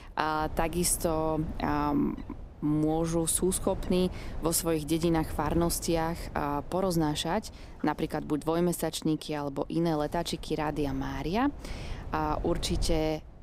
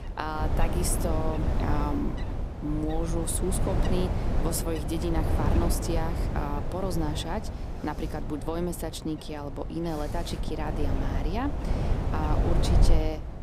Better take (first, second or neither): first